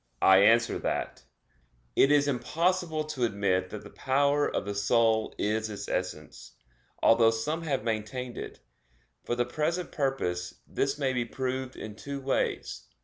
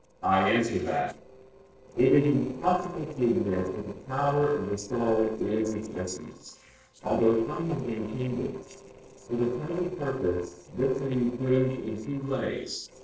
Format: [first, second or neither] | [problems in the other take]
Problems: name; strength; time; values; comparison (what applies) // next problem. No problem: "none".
first | noise reduction (neural separator model SepFormer DNS4)